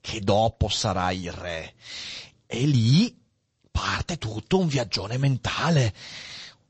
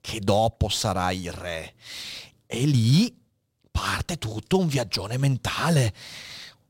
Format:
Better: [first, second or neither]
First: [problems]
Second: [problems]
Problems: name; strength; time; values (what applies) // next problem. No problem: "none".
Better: second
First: garbled, watery; slightly; nothing above 8 kHz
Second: none